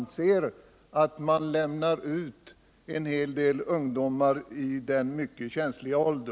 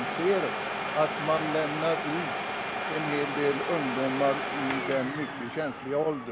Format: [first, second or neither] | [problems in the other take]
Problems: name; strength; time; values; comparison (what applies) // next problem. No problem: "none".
first | background sound (Domestic sounds, home sounds); 2 dB below the speech